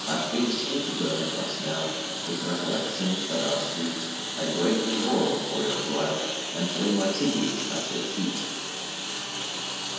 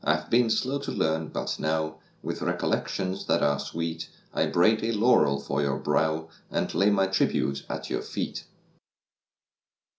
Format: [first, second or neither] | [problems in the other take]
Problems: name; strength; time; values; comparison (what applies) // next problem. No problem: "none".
second | background sound (Engine); 3 dB below the speech // room echo; dies away in 1.2 s